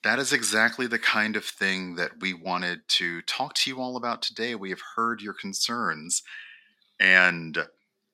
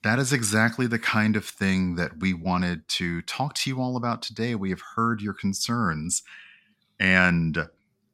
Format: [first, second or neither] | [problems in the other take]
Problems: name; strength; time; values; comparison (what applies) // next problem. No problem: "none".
second | thin; somewhat; fading below 350 Hz